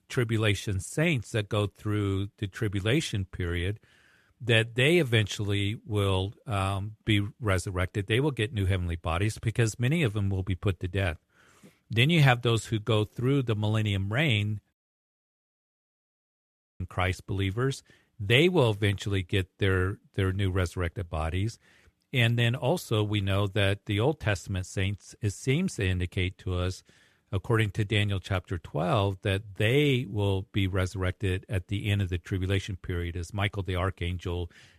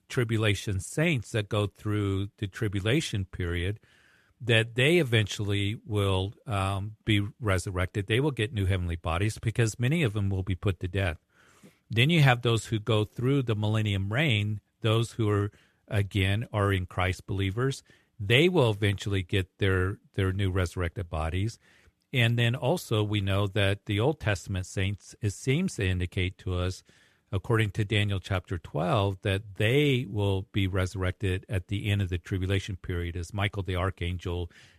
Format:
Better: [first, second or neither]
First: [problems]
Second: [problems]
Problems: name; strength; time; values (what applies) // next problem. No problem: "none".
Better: second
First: audio cutting out; at 15 s for 2 s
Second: none